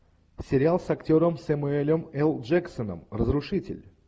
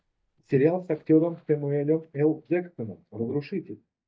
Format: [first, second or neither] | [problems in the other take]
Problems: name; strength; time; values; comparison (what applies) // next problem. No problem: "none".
first | noise reduction (neural mask model DeepFilterNet 3)